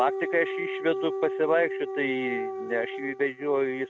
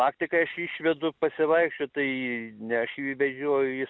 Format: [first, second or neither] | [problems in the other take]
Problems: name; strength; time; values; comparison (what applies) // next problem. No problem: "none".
second | noise reduction (neural mask model RNNoise)